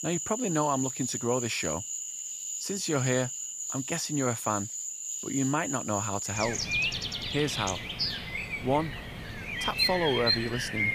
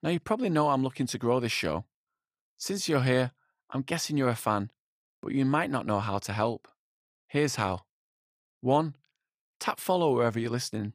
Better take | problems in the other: second | animal sounds; loud; throughout; 1 dB below the speech

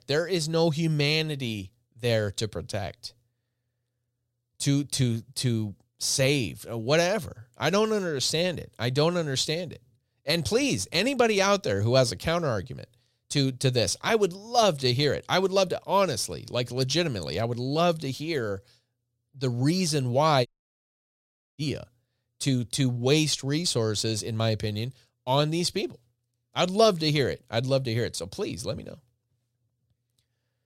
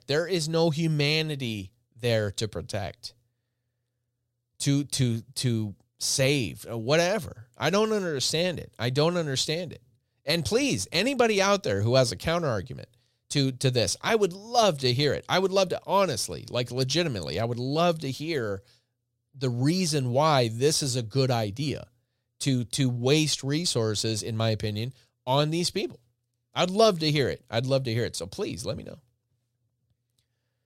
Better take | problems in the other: second | audio cutting out; at 20 s for 1 s

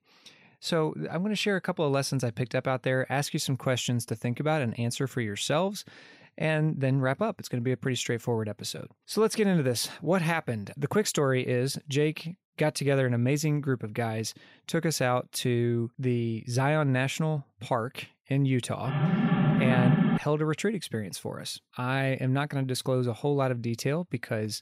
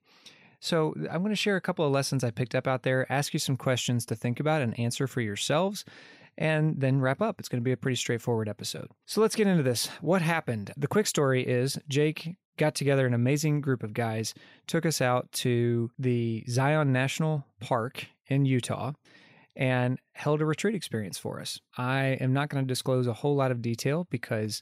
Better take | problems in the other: second | alarm; loud; from 19 to 20 s; peak 5 dB above the speech

